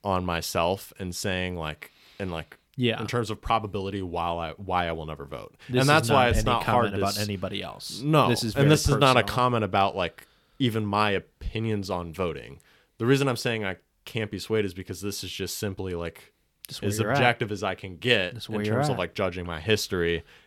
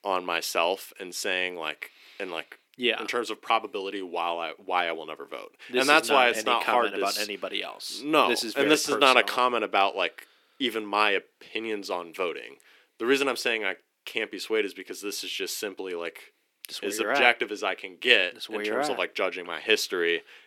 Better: first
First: none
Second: thin; somewhat; fading below 300 Hz

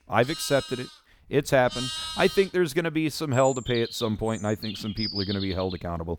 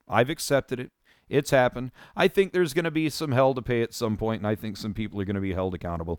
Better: second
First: animal sounds; loud; throughout; 9 dB below the speech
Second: none

